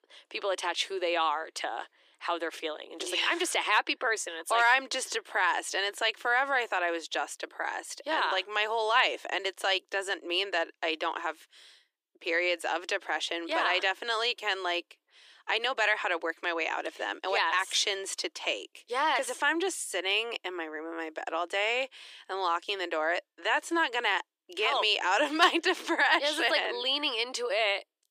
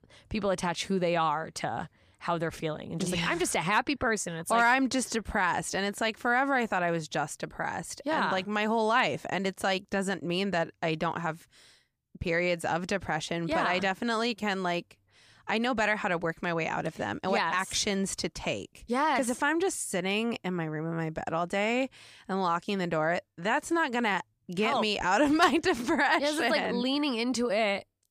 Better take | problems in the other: second | thin; very; fading below 350 Hz

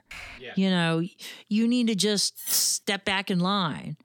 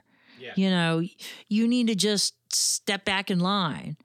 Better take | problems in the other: second | keyboard typing; faint; at the start; peak 15 dB below the speech // clattering dishes; noticeable; at 2.5 s; peak 3 dB below the speech

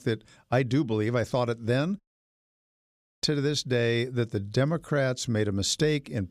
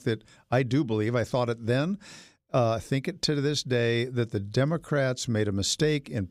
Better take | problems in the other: second | audio cutting out; at 2 s for 1 s

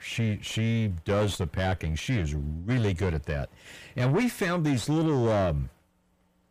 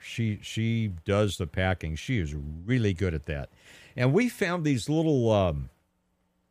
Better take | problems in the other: second | distortion; heavy; 7 dB below the speech

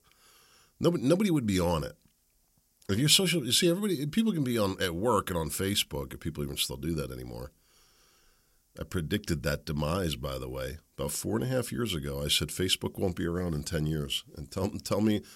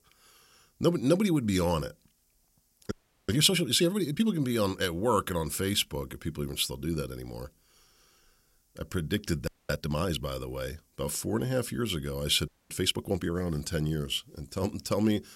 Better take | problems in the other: first | audio freezing; at 3 s, at 9.5 s and at 12 s

